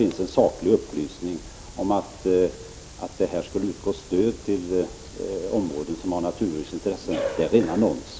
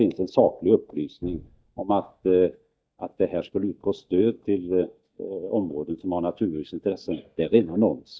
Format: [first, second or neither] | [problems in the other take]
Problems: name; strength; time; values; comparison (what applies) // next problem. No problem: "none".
first | noise reduction (neural mask model DeepFilterNet 3)